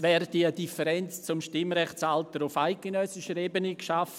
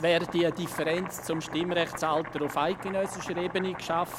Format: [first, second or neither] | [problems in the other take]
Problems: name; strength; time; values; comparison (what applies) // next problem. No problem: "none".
first | background sound (Domestic sounds, home sounds); 11 dB below the speech